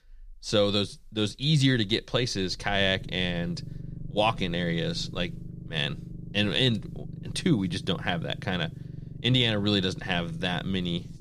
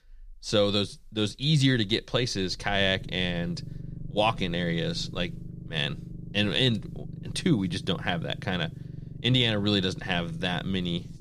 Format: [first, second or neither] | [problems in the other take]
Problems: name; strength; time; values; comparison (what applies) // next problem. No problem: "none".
neither | low rumble; faint; throughout; 20 dB below the speech; the same in both